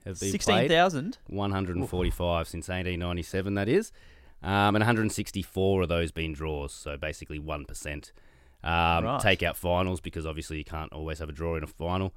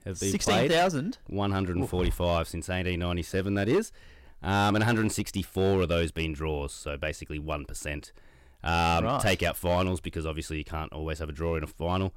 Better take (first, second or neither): first